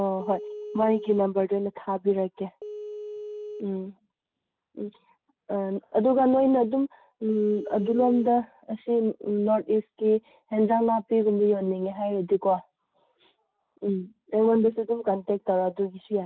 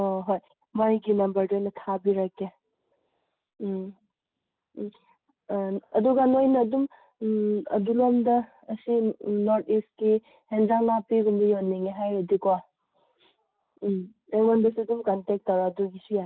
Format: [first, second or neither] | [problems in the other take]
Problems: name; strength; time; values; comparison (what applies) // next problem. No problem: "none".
second | background sound (Telephone); 11 dB below the speech